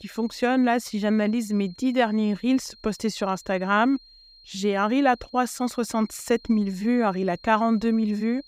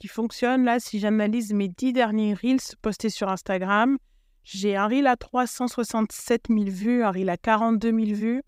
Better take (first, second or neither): second